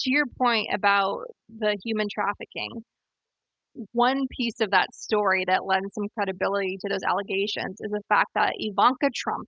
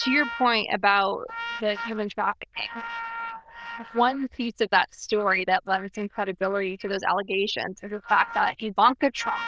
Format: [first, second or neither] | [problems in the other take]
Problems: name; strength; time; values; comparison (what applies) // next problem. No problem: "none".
first | noise reduction (neural diffusion model UNIVERSE++)